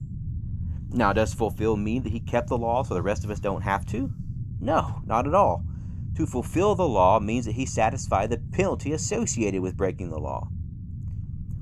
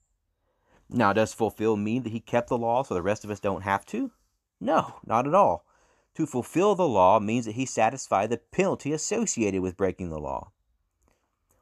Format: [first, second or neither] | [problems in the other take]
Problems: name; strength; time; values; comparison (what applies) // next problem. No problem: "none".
second | low rumble; faint; throughout; 20 dB below the speech